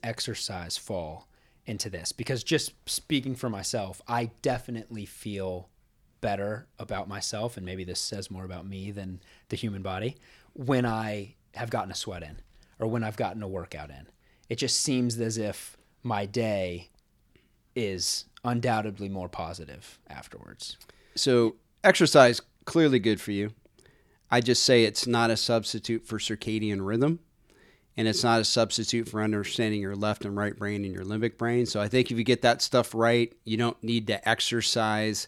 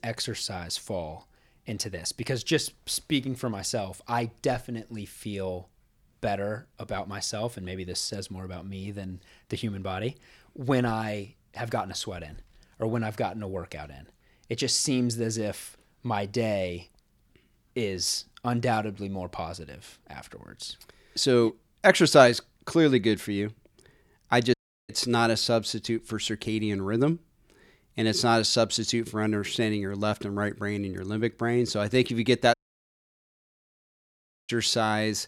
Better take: first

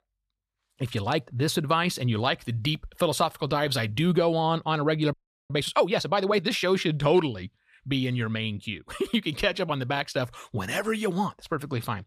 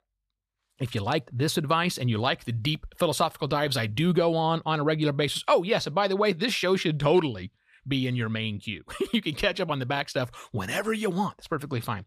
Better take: second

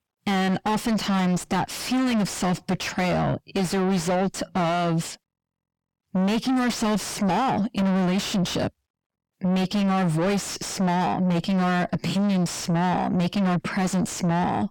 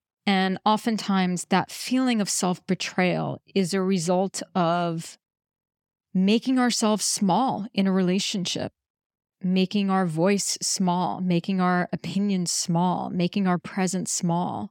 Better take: second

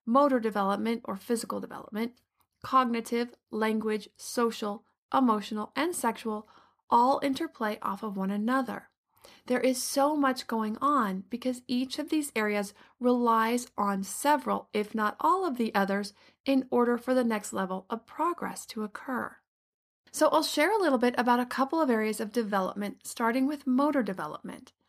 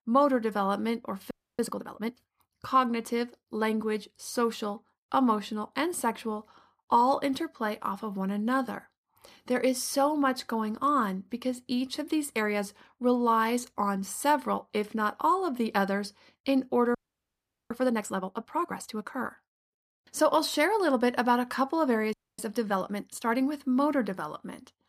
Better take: first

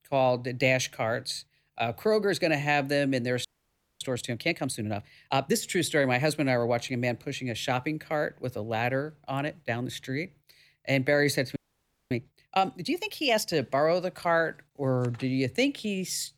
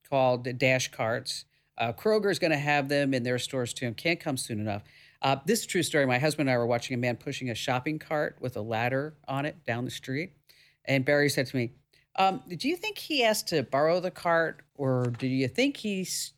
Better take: second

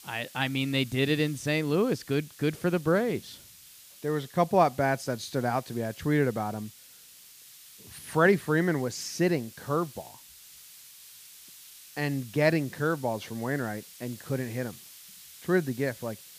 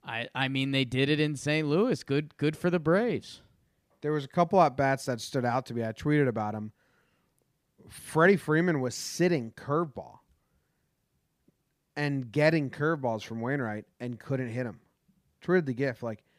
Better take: second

